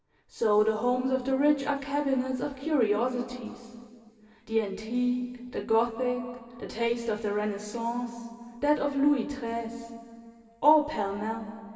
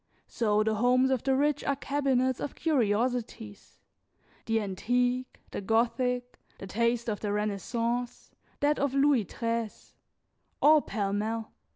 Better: second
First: room echo; dies away in 2.4 s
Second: none

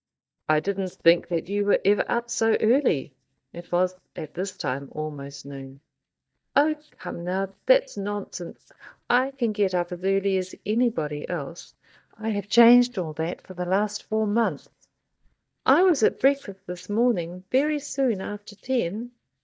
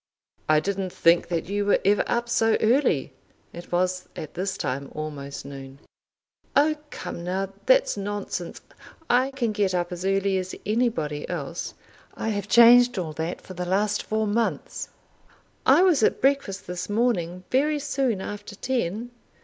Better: second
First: noise reduction (neural mask model DeepFilterNet 3)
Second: none

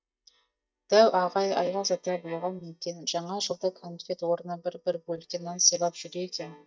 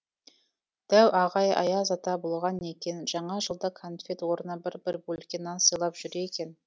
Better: second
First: noise reduction (neural mask model DeepFilterNet 3)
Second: none

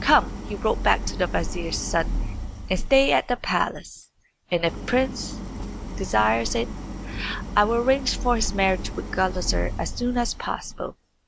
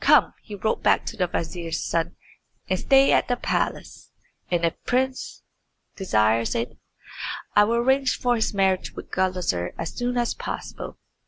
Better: second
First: background sound (Idling); 7 dB below the speech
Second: none

